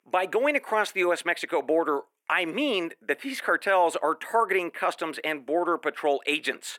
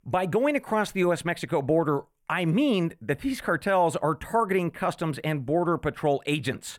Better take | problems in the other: second | thin; somewhat; fading below 300 Hz

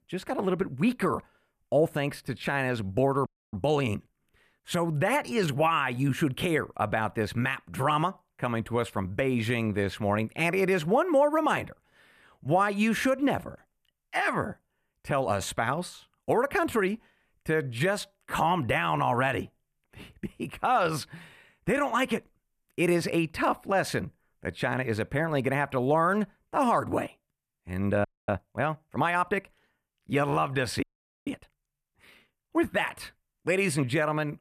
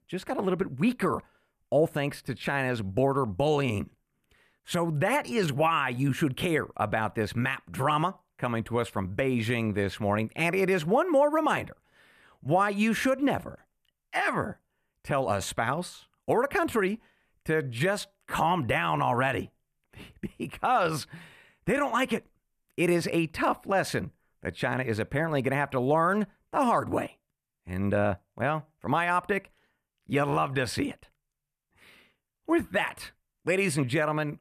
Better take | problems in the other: second | audio freezing; at 3.5 s, at 28 s and at 31 s

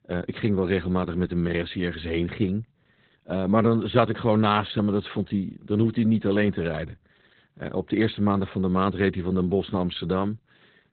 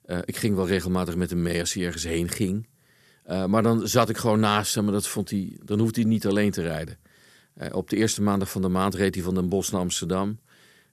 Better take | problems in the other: second | garbled, watery; badly; nothing above 4 kHz

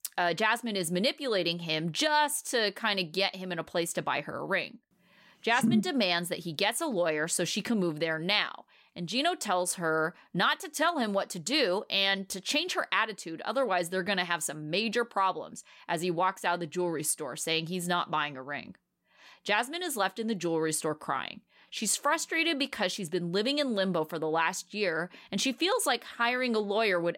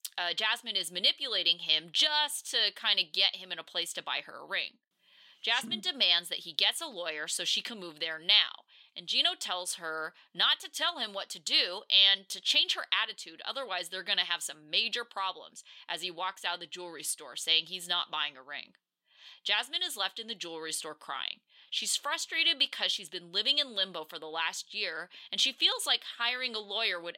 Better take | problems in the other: first | thin; somewhat; fading below 950 Hz

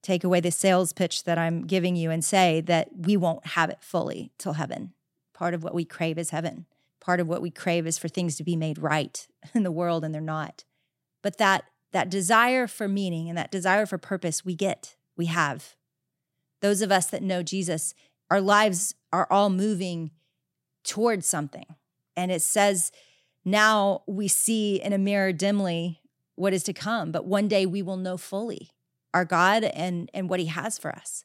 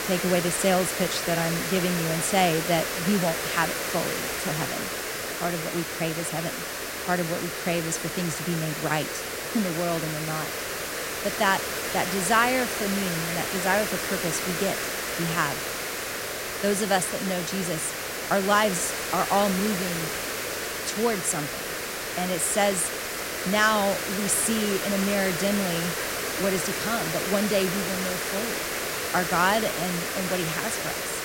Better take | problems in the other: first | hiss; loud; throughout; 2 dB below the speech

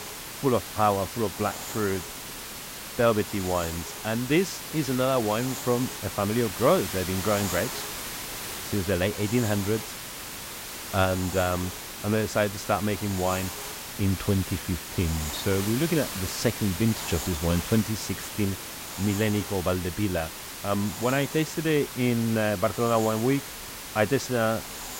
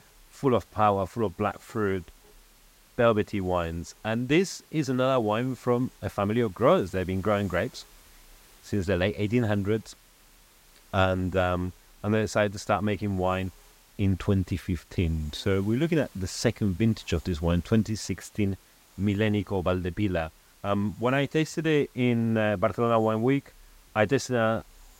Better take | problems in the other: second | hiss; loud; throughout; 7 dB below the speech; faint in the second

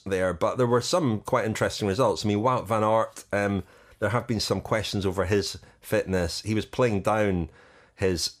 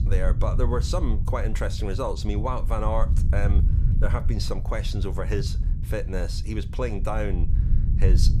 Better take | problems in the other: first | low rumble; noticeable; throughout; 10 dB below the speech

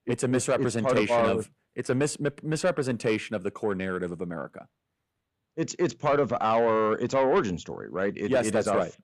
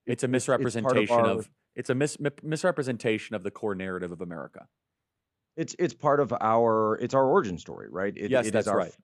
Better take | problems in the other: second | distortion; slight; 10 dB below the speech

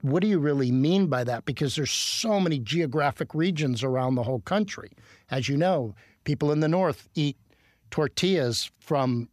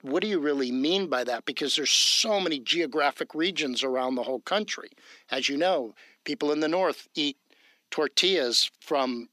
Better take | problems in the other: first | thin; somewhat; fading below 250 Hz

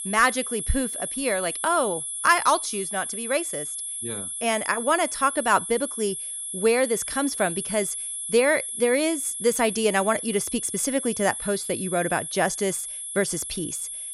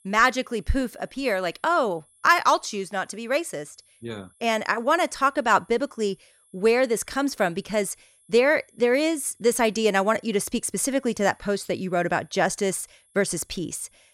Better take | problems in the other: second | high-pitched whine; loud; throughout; 11 kHz, 5 dB below the speech; faint in the second

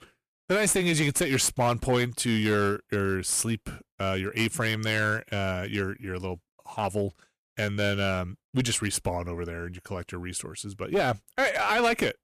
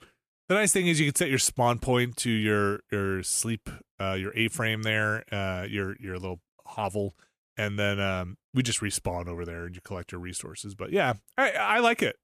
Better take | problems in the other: second | distortion; slight; 6% of the sound clipped

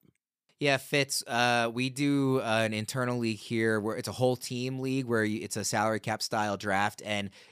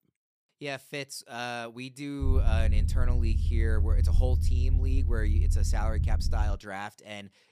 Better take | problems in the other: first | low rumble; loud; from 2 to 6.5 s; 8 dB below the speech

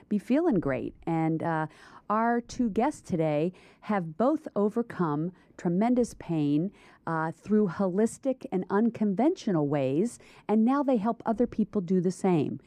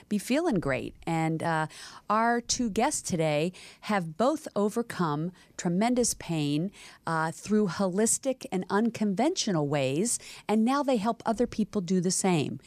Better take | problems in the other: second | muffled; very; fading above 2.5 kHz

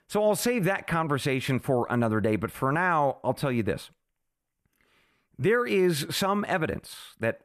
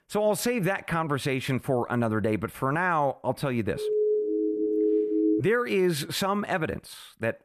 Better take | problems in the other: first | siren; loud; from 4 to 5.5 s; peak 3 dB above the speech

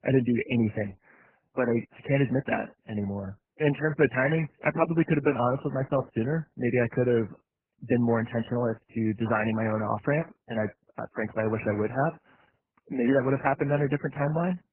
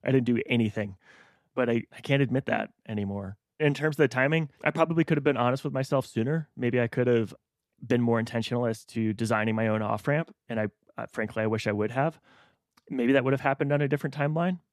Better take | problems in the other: second | garbled, watery; badly; nothing above 3 kHz

